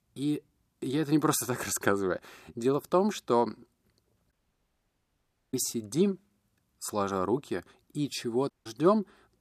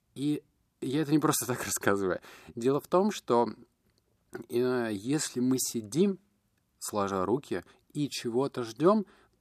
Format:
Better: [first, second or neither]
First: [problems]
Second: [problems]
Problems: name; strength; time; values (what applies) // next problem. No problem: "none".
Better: second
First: audio cutting out; at 4.5 s for 1 s and at 8.5 s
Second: none